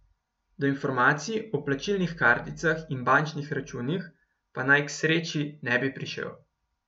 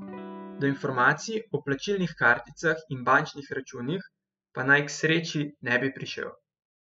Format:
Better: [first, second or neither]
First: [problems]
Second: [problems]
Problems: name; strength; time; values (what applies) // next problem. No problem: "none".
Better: first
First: none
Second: noise reduction (classical method spectral subtraction)